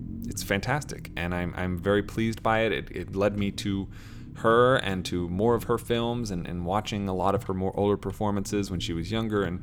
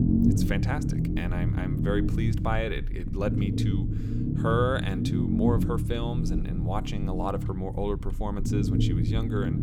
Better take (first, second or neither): first